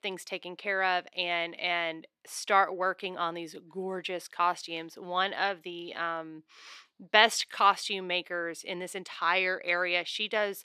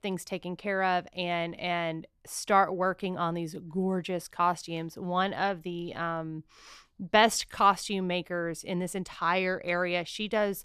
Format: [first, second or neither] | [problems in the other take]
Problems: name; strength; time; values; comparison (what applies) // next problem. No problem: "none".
second | thin; somewhat; fading below 350 Hz